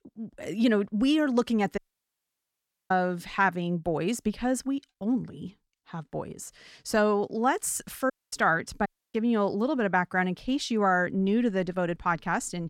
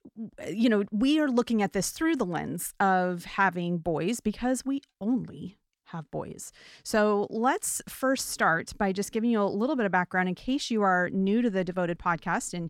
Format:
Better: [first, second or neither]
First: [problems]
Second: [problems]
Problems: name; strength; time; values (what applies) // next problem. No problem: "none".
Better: second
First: audio cutting out; at 2 s for 1 s, at 8 s and at 9 s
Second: none